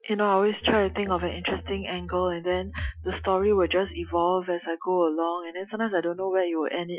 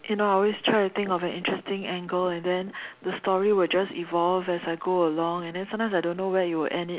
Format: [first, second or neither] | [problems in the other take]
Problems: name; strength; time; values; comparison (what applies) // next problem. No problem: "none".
second | noise reduction (classical method Wiener filter)